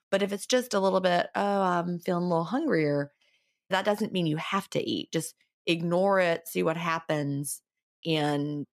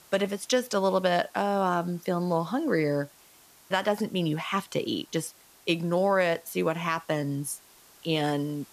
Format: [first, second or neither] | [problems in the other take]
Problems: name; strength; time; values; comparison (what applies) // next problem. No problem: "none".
first | hiss; faint; throughout; 25 dB below the speech